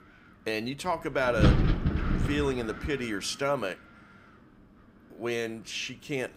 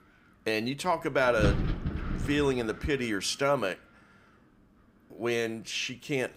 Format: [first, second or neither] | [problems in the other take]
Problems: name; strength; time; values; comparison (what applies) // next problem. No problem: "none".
second | wind noise on the microphone; heavy; 5 dB below the speech; occasional gusts in the second